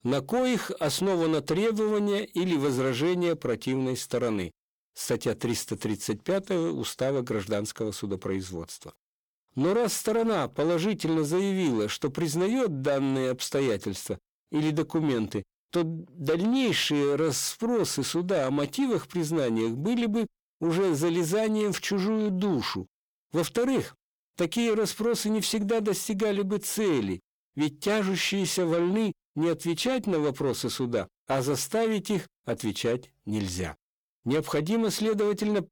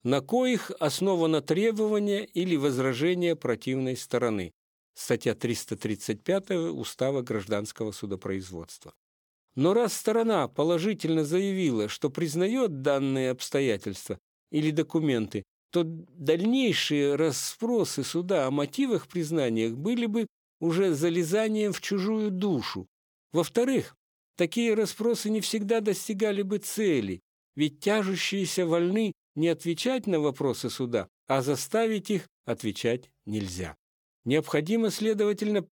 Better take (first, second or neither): second